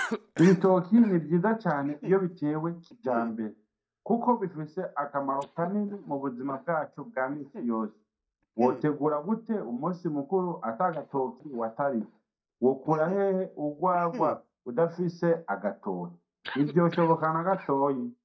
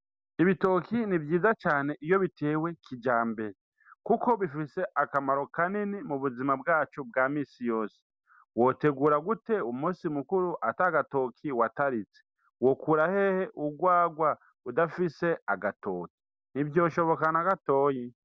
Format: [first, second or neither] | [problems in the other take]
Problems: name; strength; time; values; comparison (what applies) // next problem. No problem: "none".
second | noise reduction (neural mask model DeepFilterNet 3)